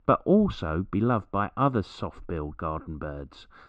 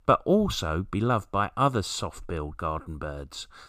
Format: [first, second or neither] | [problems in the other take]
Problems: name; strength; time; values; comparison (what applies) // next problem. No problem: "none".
second | muffled; slightly; fading above 2.5 kHz